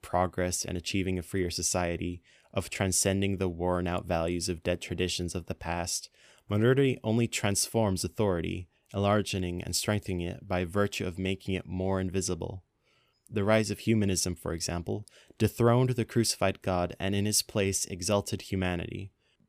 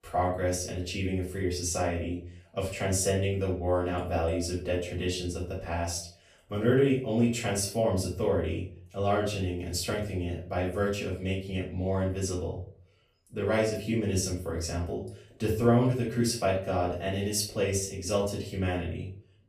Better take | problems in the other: first | off-mic speech; far // room echo; slight; dies away in 0.4 s

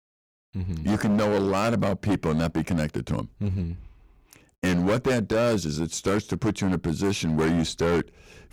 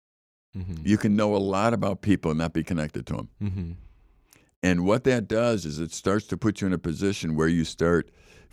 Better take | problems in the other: second | distortion; heavy; 15% of the sound clipped

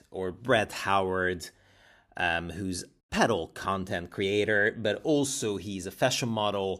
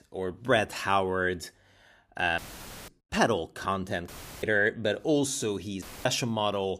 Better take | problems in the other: first | audio cutting out; filled with static; at 2.5 s for 0.5 s, at 4 s and at 6 s

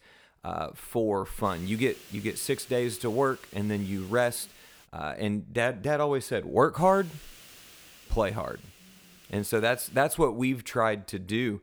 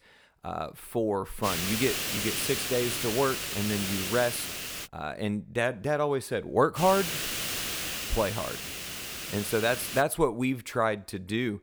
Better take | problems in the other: first | hiss; loud; from 1.5 to 5 s and from 7 to 10 s; 2 dB below the speech; faint in the first

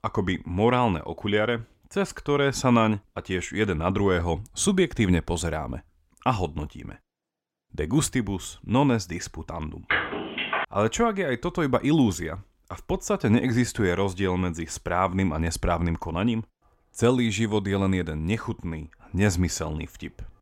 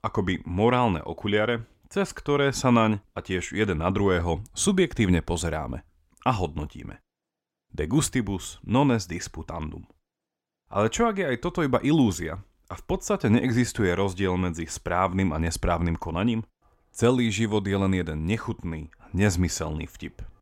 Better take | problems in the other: second | phone ringing; noticeable; at 10 s; peak level with the speech

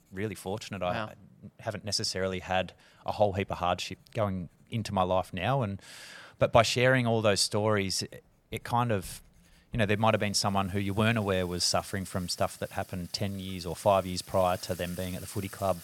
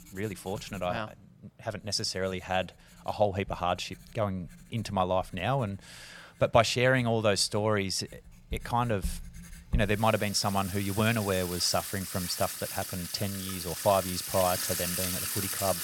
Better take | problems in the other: first | household noises; loud; throughout; 5 dB below the speech; faint in the first

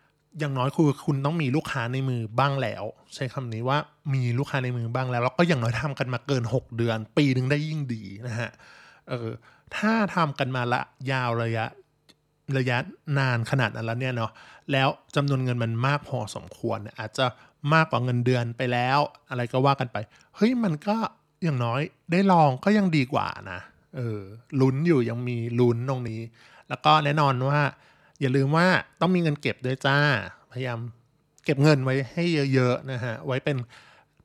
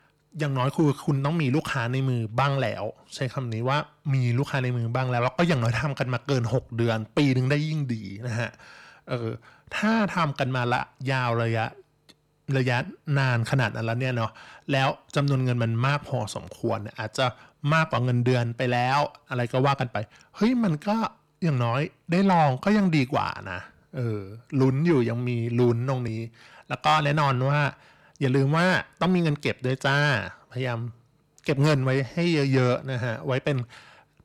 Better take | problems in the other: first | distortion; slight; 10 dB below the speech

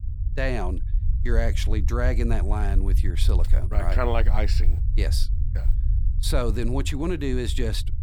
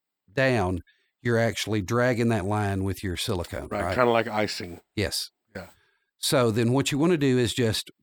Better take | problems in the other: second | low rumble; noticeable; throughout; 15 dB below the speech

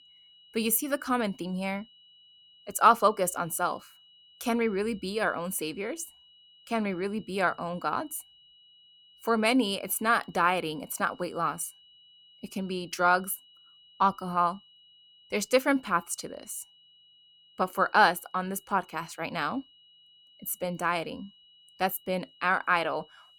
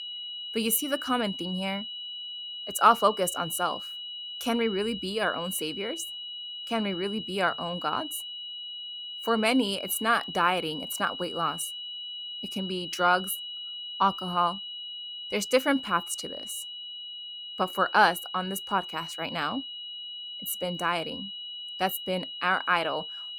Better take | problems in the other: first | high-pitched whine; loud; throughout; 3 kHz, 8 dB below the speech; faint in the first

